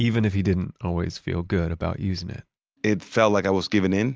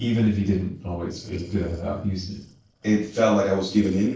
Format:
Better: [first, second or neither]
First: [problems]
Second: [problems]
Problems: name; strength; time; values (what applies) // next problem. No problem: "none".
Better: first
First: none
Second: noise reduction (neural separator model SepFormer DNS4)